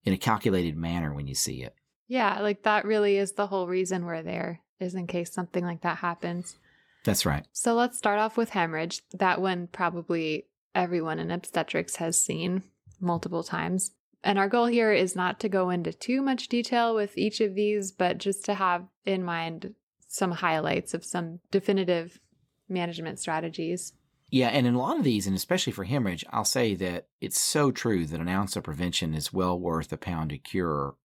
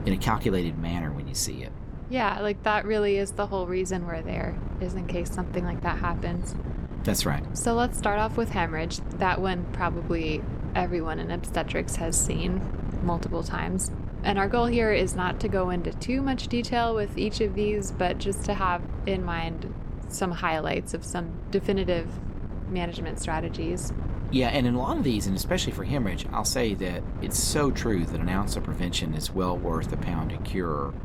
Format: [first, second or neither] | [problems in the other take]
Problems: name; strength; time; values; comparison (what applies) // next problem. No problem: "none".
first | wind noise on the microphone; occasional gusts; 15 dB below the speech